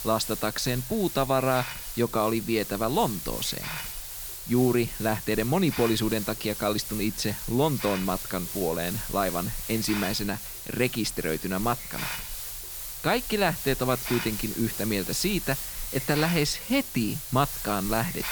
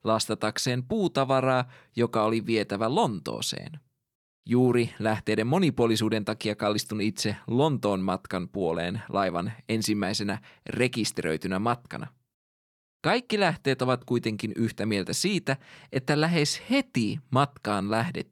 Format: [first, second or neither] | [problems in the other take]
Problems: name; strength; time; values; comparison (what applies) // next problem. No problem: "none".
second | hiss; loud; throughout; 6 dB below the speech